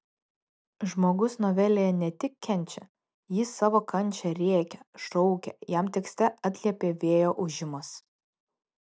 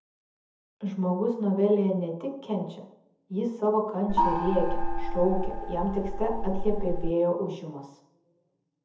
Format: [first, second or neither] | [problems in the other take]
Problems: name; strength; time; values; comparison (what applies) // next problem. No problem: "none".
first | background sound (Gong); 2 dB above the speech // room echo; dies away in 0.7 s